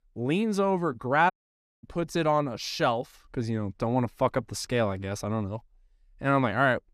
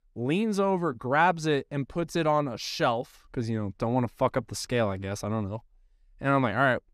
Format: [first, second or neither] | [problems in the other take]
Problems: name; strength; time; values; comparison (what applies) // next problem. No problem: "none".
second | audio cutting out; at 1.5 s for 0.5 s